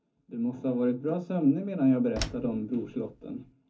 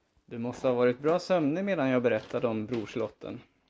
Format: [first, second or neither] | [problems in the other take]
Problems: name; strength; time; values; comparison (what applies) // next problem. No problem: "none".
second | background sound (Slam); 11 dB below the speech // room echo; dies away in 0.3 s